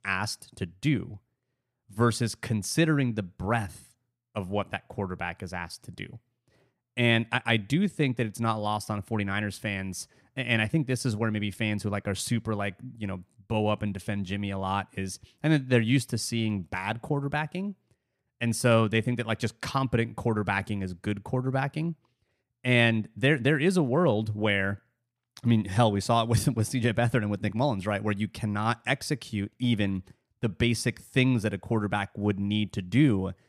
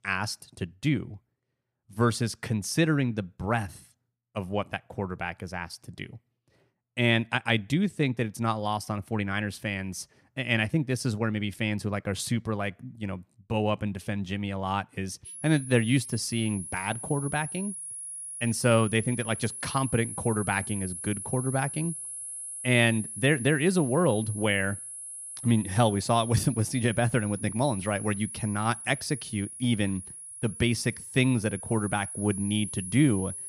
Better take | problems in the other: first | high-pitched whine; loud; from 15 s on; 10.5 kHz, 8 dB below the speech

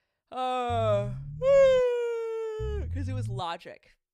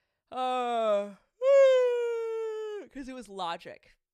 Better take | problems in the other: second | low rumble; faint; from 0.5 to 2 s and at 2.5 s; 25 dB below the speech

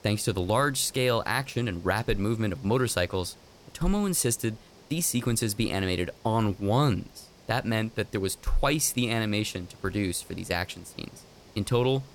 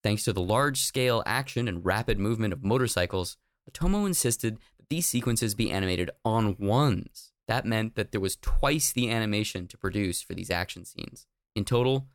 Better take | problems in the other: second | hiss; faint; throughout; 25 dB below the speech

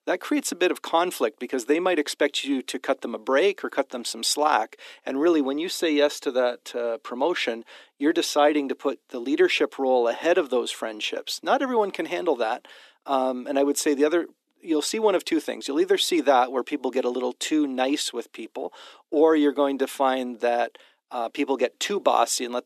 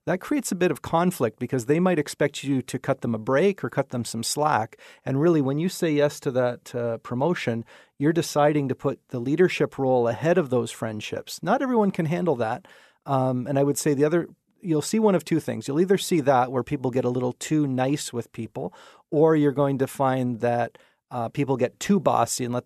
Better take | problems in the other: second | thin; very slightly; fading below 300 Hz

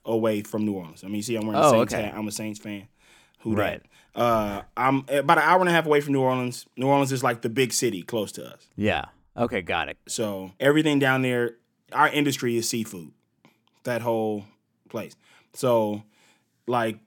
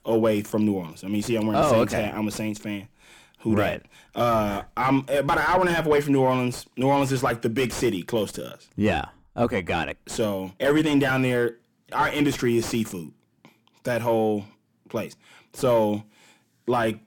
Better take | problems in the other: first | distortion; heavy; 7 dB below the speech

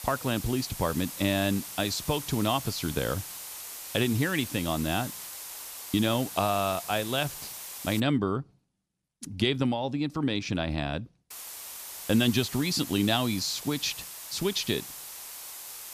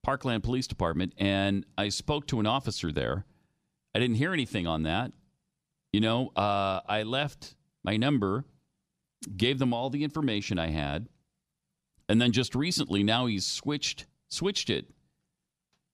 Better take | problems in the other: second | hiss; loud; until 8 s and from 11 s on; 9 dB below the speech

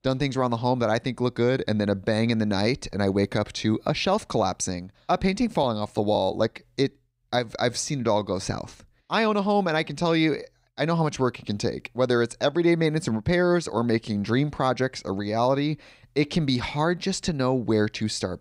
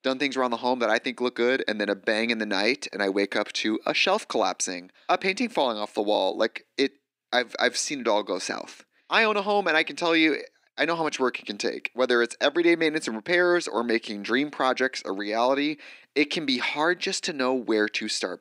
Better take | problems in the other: first | thin; very slightly; fading below 300 Hz

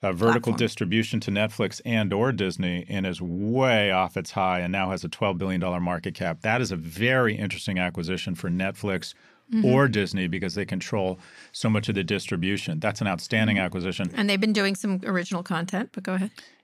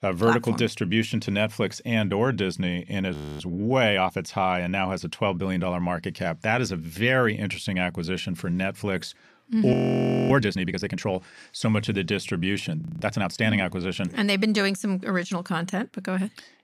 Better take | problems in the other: first | audio freezing; at 3 s, at 9.5 s for 0.5 s and at 13 s

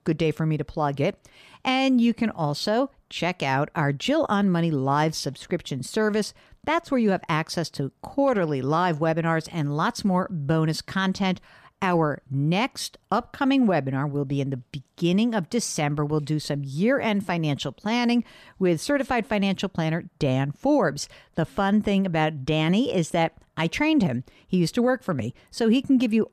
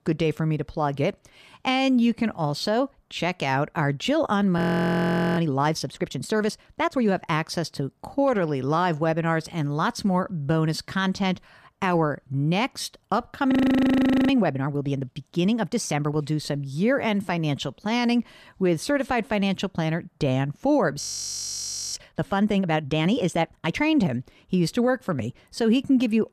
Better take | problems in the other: first | audio freezing; at 4.5 s for 1 s, at 14 s for 1 s and at 21 s for 1 s

